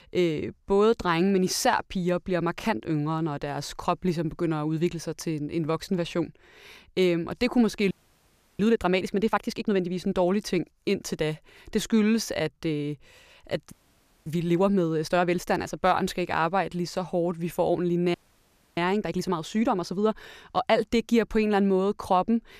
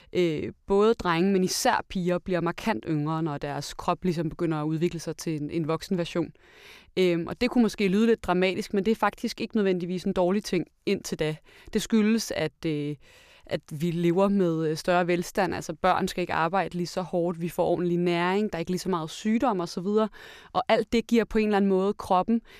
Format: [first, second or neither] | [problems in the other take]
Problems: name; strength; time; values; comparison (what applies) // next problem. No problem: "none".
second | audio freezing; at 8 s for 0.5 s, at 14 s for 0.5 s and at 18 s for 0.5 s